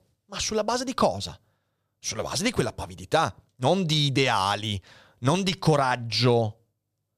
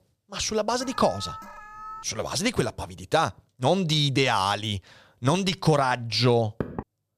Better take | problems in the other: first | alarm; faint; from 1 to 2 s; peak 15 dB below the speech // door banging; noticeable; at 6.5 s; peak 9 dB below the speech

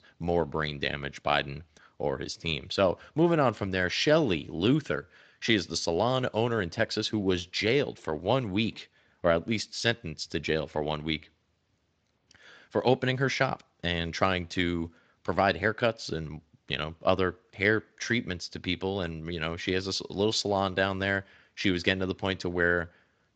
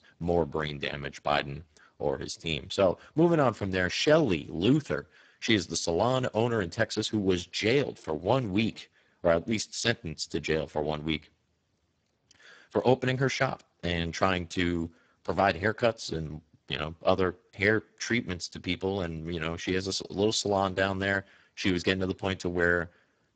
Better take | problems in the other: first | garbled, watery; badly; nothing above 7.5 kHz; slightly in the first

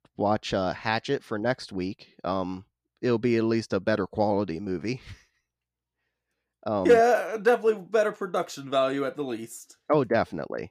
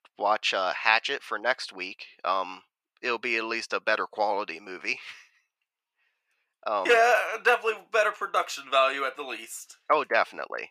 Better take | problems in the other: first | thin; very; fading below 750 Hz

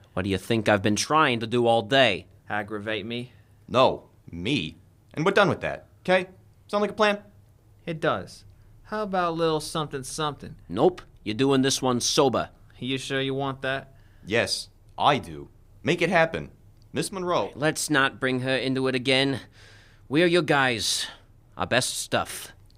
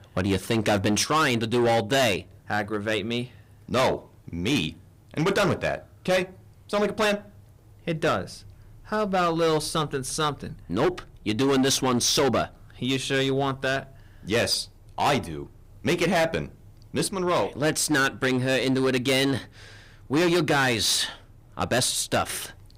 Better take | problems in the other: first | distortion; heavy; 11% of the sound clipped

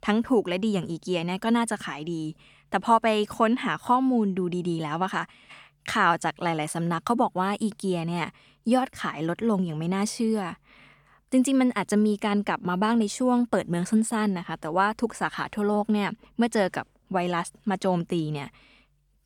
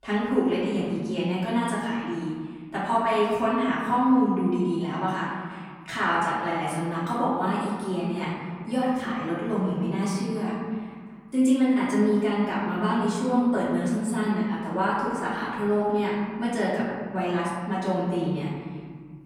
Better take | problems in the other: first | room echo; noticeable; dies away in 1.9 s // off-mic speech; far

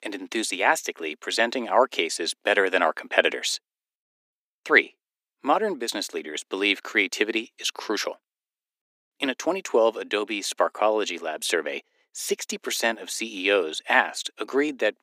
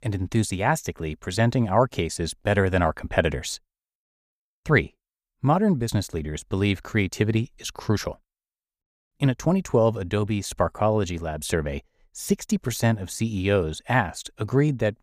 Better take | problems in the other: second | thin; somewhat; fading below 300 Hz

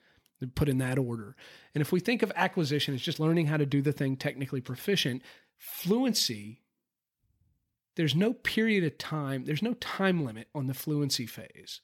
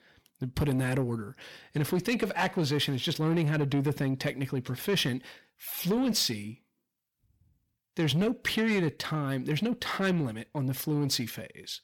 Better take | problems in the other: first | distortion; slight; 10 dB below the speech

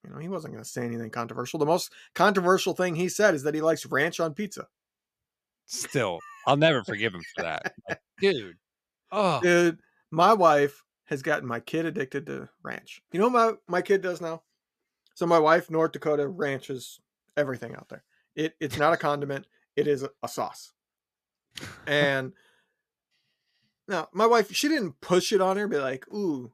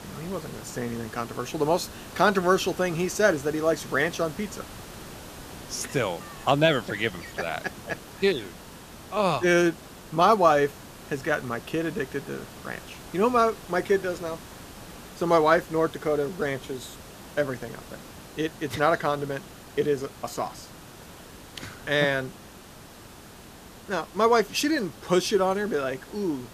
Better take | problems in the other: first | hiss; noticeable; throughout; 15 dB below the speech

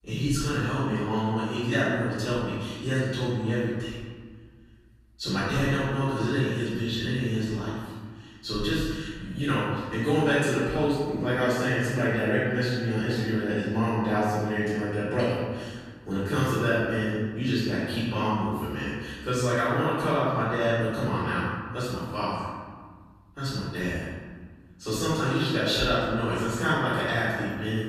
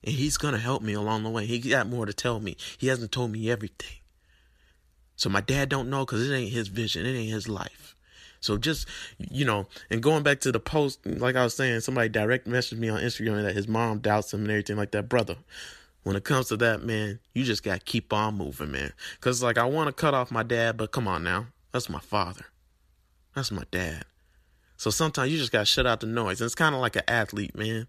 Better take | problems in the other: second | off-mic speech; far // room echo; strong; dies away in 1.5 s

